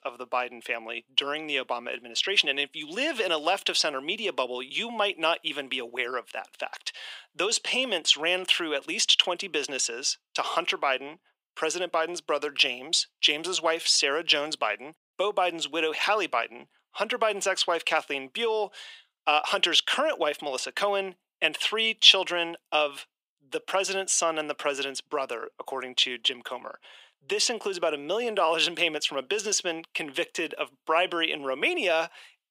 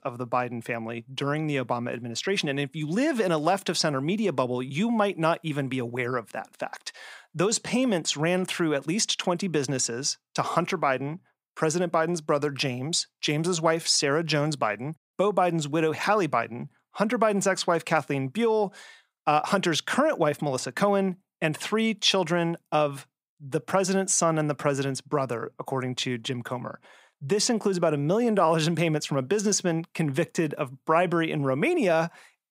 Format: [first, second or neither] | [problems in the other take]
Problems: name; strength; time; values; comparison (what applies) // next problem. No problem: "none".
second | thin; somewhat; fading below 350 Hz